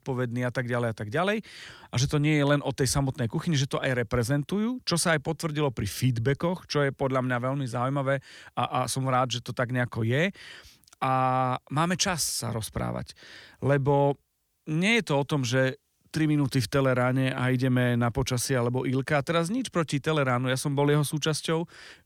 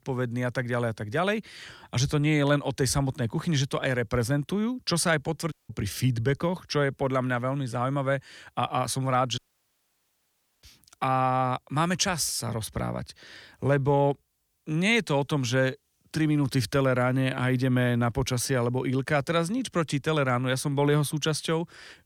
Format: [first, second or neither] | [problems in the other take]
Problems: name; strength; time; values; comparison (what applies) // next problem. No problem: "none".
first | audio cutting out; at 5.5 s and at 9.5 s for 1.5 s